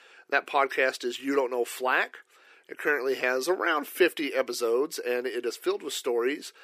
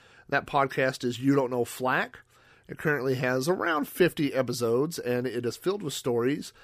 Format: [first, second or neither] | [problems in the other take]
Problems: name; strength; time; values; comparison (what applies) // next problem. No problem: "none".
second | thin; somewhat; fading below 350 Hz